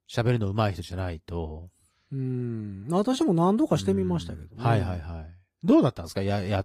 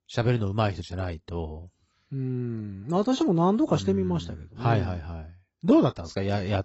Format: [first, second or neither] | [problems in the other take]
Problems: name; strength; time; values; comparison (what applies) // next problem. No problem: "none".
first | garbled, watery; badly; nothing above 7.5 kHz; slightly in the first